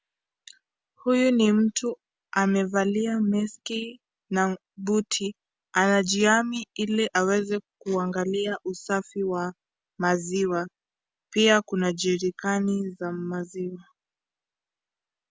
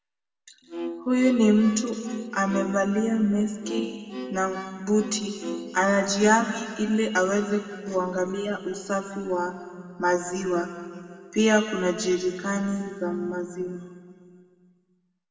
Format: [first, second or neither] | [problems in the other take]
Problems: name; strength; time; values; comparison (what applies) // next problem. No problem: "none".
first | background sound (Bowed string instrument); 11 dB below the speech // room echo; dies away in 2 s